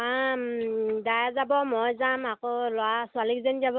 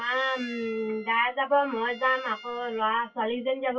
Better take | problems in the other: first | noise reduction (classical method WPE with log-MMSE)

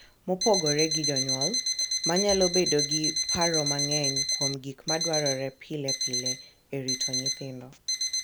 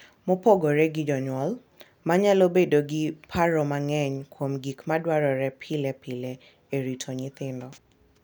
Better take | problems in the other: second | background sound (Alarm); as loud as the speech

